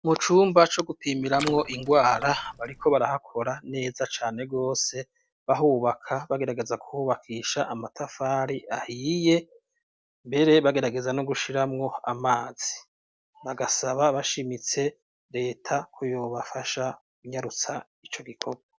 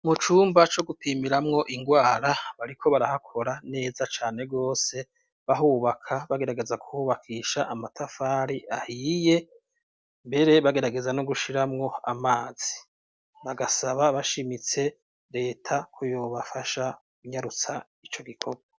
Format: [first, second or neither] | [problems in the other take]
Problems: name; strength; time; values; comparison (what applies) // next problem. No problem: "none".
second | background sound (Water / Splash, splatter); 13 dB below the speech